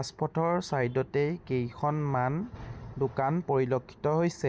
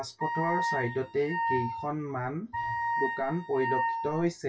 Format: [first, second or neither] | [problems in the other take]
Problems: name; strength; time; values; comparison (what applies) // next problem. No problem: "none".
first | noise reduction (classical method WPE with log-MMSE)